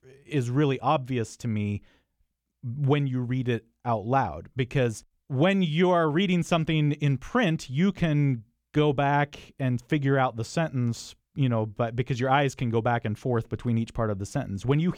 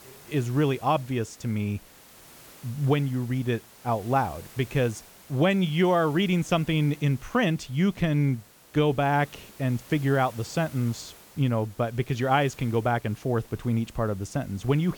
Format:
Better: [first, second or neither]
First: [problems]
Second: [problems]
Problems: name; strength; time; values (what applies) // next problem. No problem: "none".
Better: first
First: none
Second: hiss; faint; throughout; 20 dB below the speech